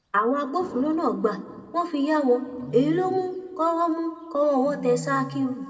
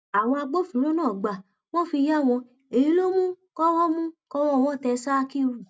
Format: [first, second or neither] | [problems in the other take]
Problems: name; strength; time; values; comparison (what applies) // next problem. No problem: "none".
second | background sound (Wild animals); 17 dB below the speech // room echo; dies away in 1.1 s